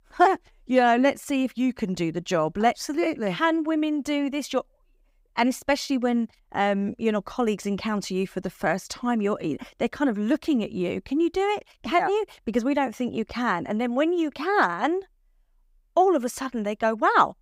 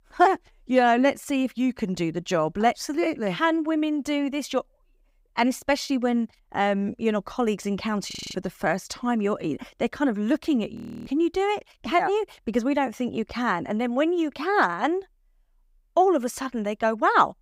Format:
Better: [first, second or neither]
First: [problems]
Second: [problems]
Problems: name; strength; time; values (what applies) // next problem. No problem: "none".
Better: first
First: none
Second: audio freezing; at 8 s and at 11 s